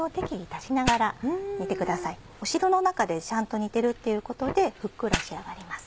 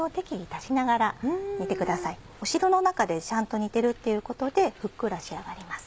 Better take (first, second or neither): second